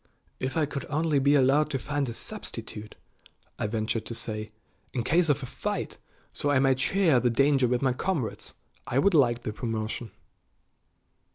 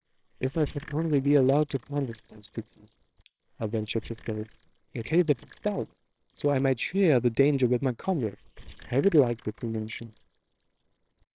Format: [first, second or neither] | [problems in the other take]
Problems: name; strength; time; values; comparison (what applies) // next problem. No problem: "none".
first | noise reduction (neural separator model SepFormer WHAMR!)